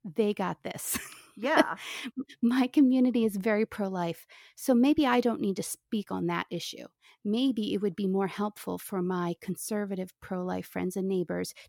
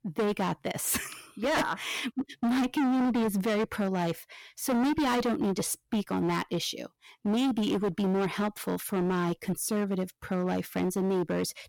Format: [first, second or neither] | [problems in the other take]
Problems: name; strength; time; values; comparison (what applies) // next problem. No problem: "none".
first | distortion; heavy; 20% of the sound clipped